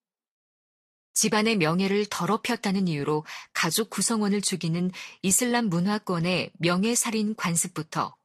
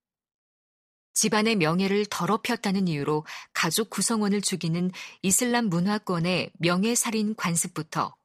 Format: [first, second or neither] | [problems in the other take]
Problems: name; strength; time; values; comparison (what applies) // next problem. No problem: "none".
second | garbled, watery; slightly; nothing above 12.5 kHz